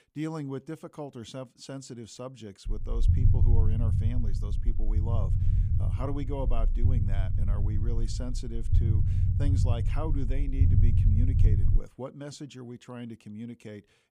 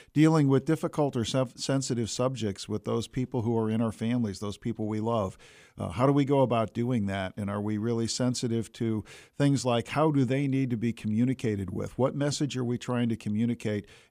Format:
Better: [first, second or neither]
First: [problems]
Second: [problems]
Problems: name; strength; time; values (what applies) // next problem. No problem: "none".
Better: second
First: low rumble; loud; from 2.5 to 12 s; 1 dB below the speech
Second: none